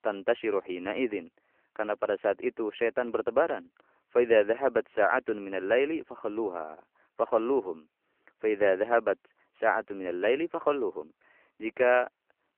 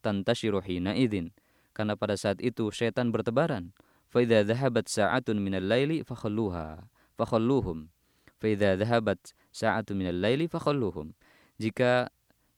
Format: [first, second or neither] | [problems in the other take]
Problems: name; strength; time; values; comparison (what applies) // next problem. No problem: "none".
second | phone-call audio; nothing above 3 kHz